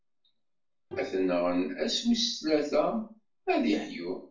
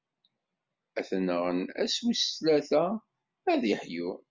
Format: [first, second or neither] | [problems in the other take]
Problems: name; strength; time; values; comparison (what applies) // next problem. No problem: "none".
second | noise reduction (neural separator model SepFormer DNS4)